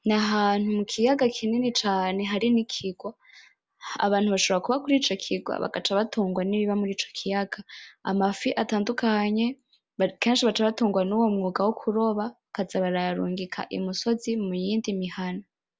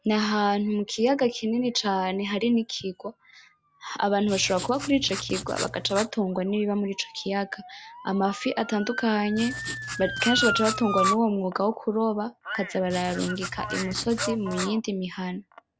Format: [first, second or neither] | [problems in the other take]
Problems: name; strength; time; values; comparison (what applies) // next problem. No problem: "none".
first | background sound (Motor vehicle (road) / Siren + Writing); 9 dB below the speech